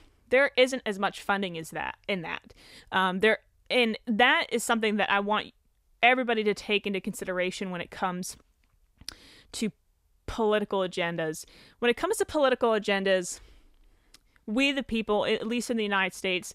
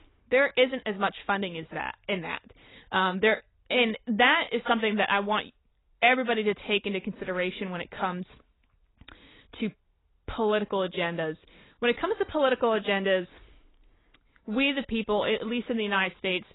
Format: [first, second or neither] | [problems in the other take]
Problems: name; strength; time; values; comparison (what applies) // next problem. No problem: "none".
first | garbled, watery; badly; nothing above 4 kHz